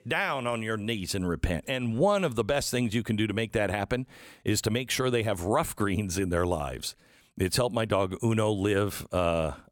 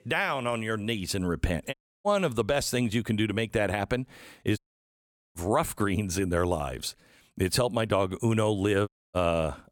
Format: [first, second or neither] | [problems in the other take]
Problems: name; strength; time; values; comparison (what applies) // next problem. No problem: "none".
first | audio cutting out; at 1.5 s, at 4.5 s for 1 s and at 9 s